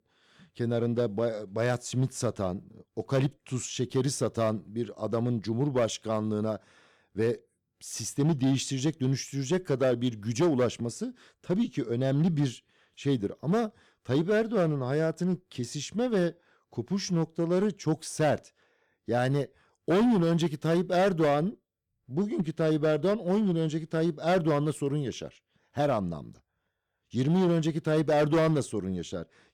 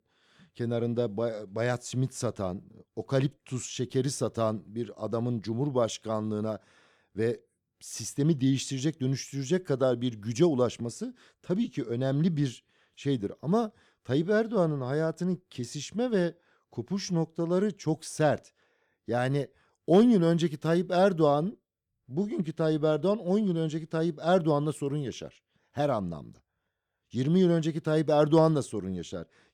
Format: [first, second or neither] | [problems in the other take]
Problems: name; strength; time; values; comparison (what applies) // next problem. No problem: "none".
second | distortion; slight; 6% of the sound clipped